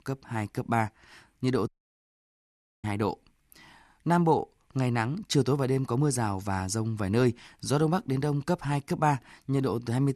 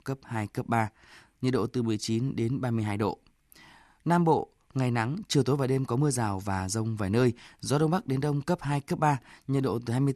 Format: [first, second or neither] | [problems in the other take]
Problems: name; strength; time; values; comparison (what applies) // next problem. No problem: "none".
second | audio cutting out; at 1.5 s for 1 s